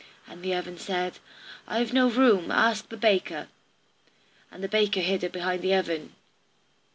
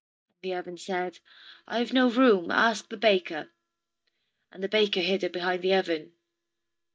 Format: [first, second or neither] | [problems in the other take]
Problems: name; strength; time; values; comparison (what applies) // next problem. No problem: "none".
first | noise reduction (neural mask model DeepFilterNet 3)